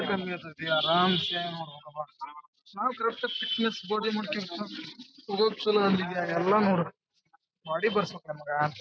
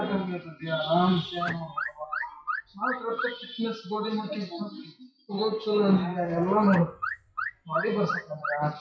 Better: first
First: none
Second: noise reduction (classical method WPE with log-MMSE)

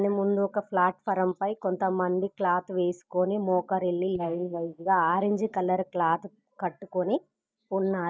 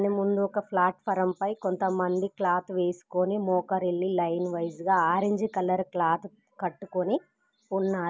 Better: second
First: noise reduction (neural mask model DeepFilterNet 3)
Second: none

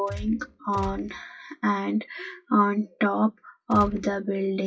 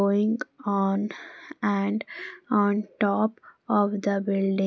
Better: second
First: noise reduction (classical method WPE with log-MMSE)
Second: none

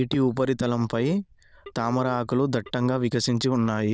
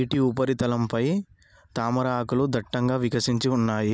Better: second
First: noise reduction (neural diffusion model UNIVERSE++)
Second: none

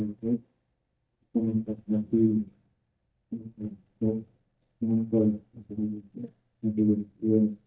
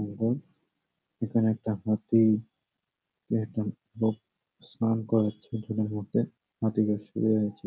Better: second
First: noise reduction (neural mask model DeepFilterNet 3)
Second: none

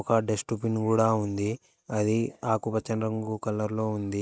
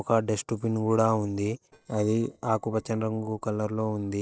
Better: first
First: none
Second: noise reduction (neural separator model SepFormer DNS4)

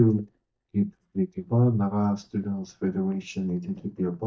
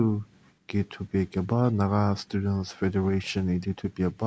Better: second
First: noise reduction (neural mask model DeepFilterNet 3)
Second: none

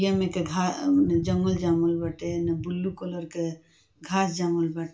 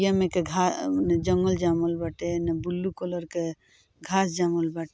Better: second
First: room echo; dies away in 0.2 s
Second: none

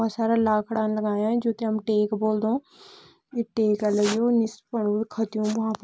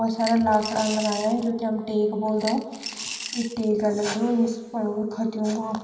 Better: first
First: none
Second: background sound (Coin (dropping) / Glass); 12 dB below the speech // room echo; dies away in 2.1 s

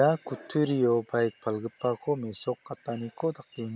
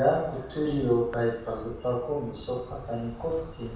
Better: first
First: none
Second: background sound (Insect); 16 dB below the speech // room echo; dies away in 0.7 s

